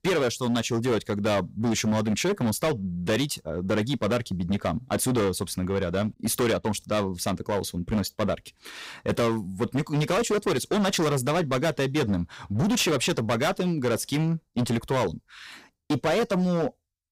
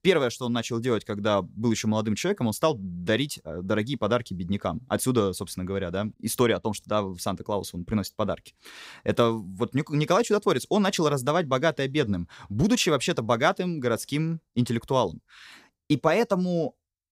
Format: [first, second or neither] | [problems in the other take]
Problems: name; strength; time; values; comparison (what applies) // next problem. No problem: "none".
second | distortion; heavy; 16% of the sound clipped